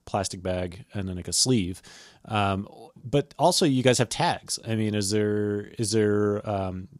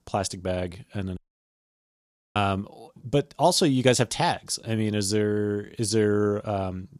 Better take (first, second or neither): first